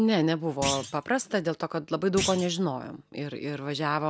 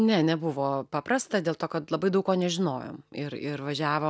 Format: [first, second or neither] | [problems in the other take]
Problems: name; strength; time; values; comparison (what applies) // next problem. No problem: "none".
second | background sound (Thump, thud); 10 dB below the speech